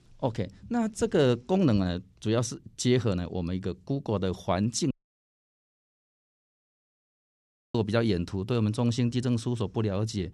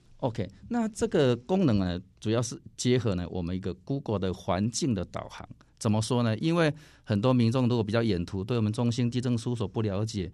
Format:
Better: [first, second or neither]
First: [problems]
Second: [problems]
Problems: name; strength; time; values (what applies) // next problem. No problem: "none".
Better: second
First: audio cutting out; at 5 s for 3 s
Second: none